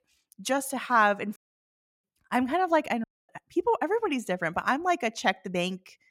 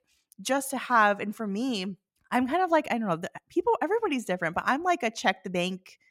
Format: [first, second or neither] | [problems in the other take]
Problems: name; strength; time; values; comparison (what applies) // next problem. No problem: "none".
second | audio cutting out; at 1.5 s for 0.5 s and at 3 s